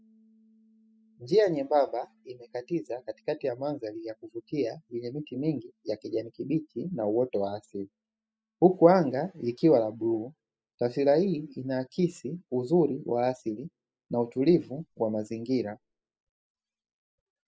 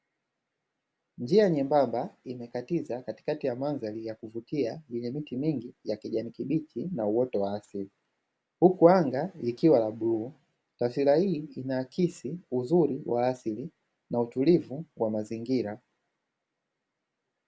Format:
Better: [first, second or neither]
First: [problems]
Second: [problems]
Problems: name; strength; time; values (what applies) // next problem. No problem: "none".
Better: second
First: noise reduction (classical method spectral subtraction)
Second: none